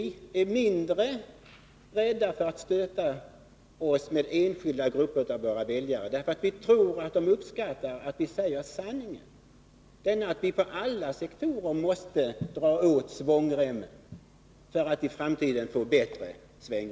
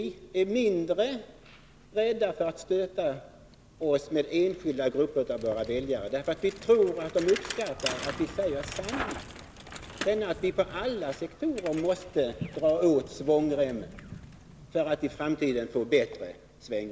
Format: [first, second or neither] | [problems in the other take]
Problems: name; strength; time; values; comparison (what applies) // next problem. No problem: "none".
first | background sound (Bicycle); 15 dB below the speech